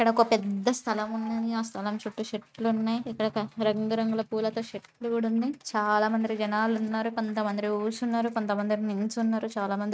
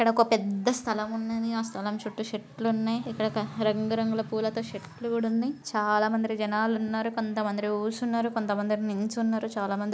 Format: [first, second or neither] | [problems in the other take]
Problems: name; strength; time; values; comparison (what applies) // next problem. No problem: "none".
second | noise reduction (neural mask model RNNoise)